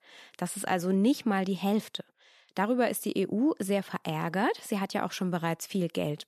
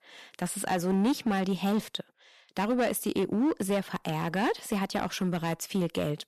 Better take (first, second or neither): first